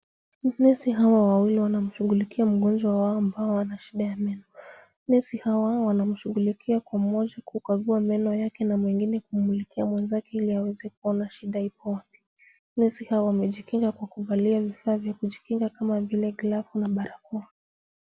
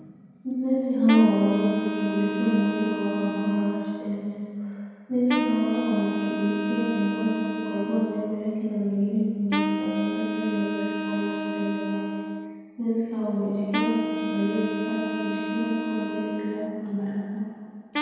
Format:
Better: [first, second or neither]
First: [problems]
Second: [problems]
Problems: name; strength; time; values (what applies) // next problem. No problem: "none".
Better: first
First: none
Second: background sound (Wind instrument, woodwind instrument); 5 dB below the speech // room echo; dies away in 2.1 s